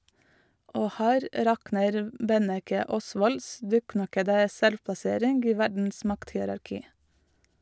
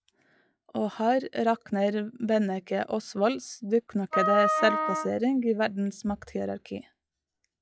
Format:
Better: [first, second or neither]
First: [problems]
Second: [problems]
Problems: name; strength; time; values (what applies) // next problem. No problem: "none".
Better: first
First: none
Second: noise reduction (classical method log-MMSE)